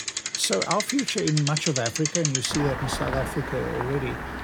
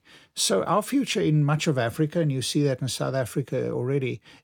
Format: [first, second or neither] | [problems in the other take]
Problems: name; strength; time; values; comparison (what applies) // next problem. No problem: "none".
second | traffic noise; loud; throughout; 1 dB below the speech